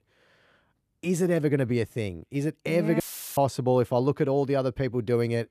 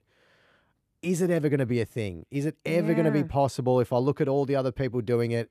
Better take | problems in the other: second | audio cutting out; filled with static; at 3 s

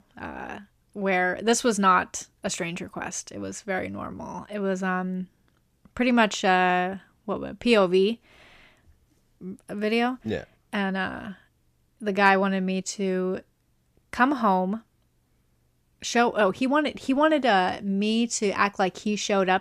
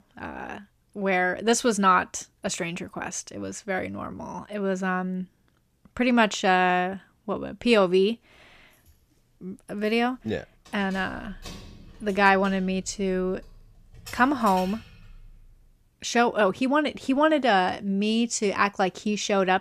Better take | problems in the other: first | jangling keys; faint; from 10 to 16 s; peak 15 dB below the speech

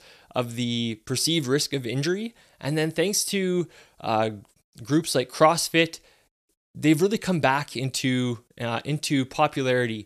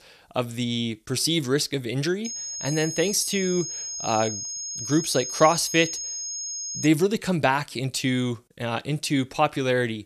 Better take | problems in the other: first | high-pitched whine; loud; from 2.5 to 7 s; 6.5 kHz, 6 dB below the speech

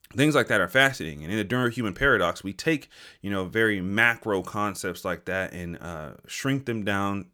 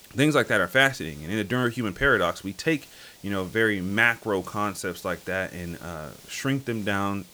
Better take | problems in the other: first | hiss; faint; throughout; 25 dB below the speech

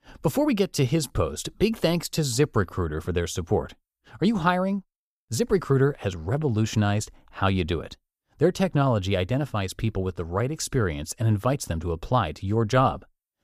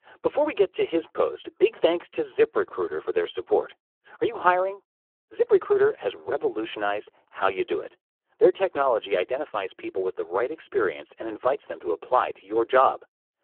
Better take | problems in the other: first | phone-call audio; poor line

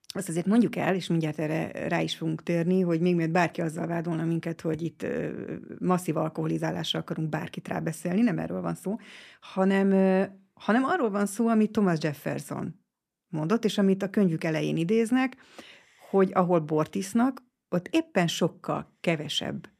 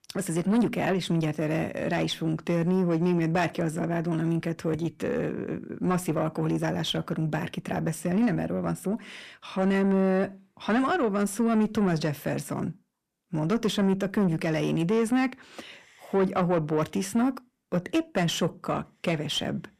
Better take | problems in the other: first | distortion; slight; 10 dB below the speech

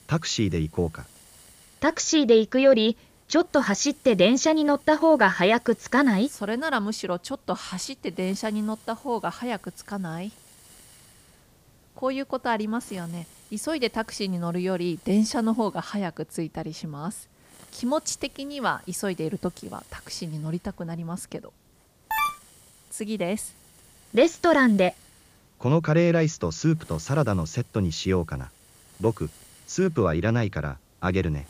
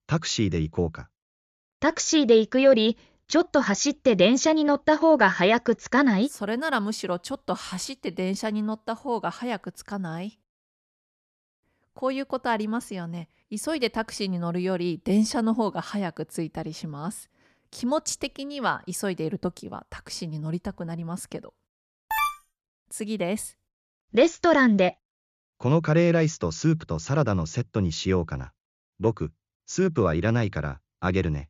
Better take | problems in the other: second | hiss; faint; throughout; 25 dB below the speech

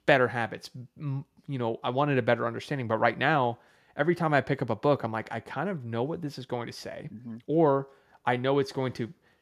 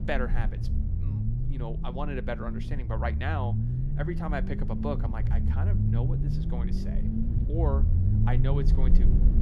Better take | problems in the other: first | low rumble; loud; throughout; 5 dB below the speech

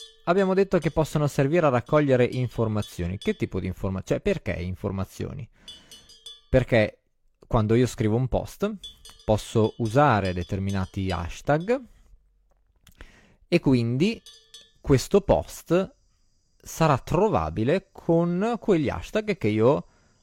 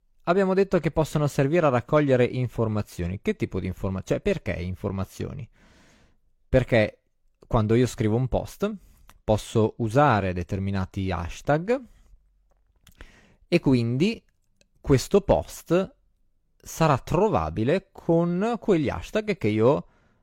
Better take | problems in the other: second | animal sounds; faint; throughout; 20 dB below the speech

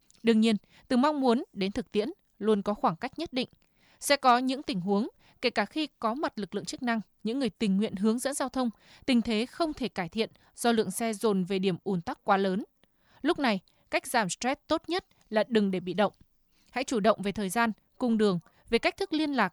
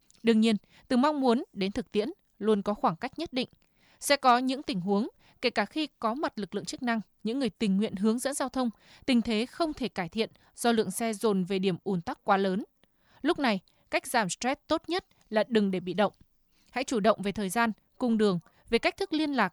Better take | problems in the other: neither | none

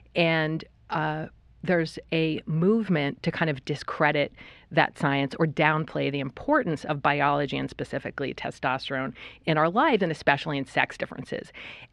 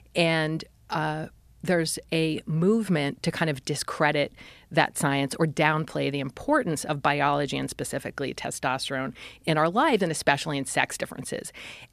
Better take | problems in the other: second | muffled; slightly; fading above 3 kHz

